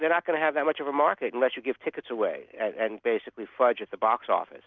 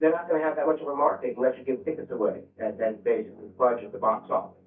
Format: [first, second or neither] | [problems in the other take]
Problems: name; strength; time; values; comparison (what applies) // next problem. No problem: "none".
first | noise reduction (neural mask model DeepFilterNet 3)